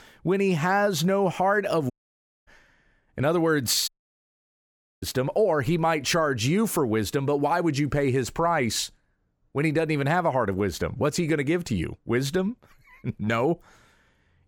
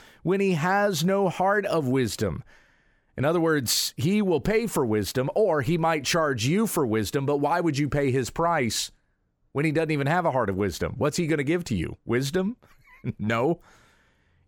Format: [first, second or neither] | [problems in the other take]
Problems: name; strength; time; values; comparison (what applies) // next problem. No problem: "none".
second | audio cutting out; at 2 s for 0.5 s and at 4 s for 1 s